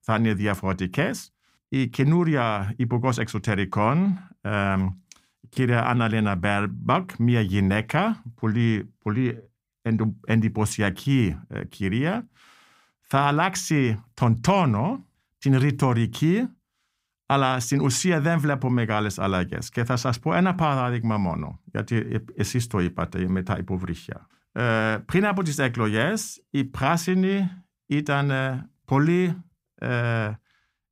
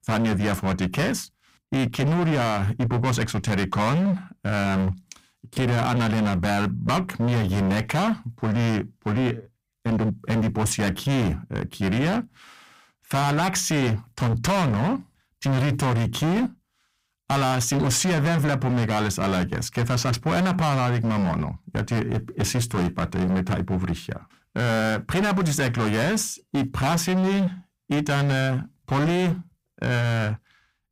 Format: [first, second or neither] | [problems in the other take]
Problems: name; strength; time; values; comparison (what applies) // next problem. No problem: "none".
first | distortion; heavy; 25% of the sound clipped